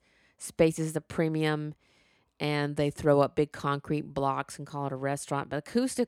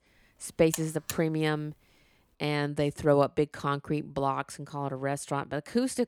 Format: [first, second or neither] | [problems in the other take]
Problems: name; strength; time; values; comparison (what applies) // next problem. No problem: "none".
first | alarm; noticeable; at 0.5 s; peak 6 dB below the speech